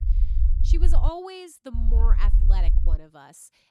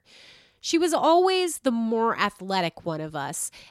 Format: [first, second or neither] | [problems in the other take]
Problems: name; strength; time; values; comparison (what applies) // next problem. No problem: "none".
second | low rumble; loud; until 1 s and from 1.5 to 3 s; 8 dB below the speech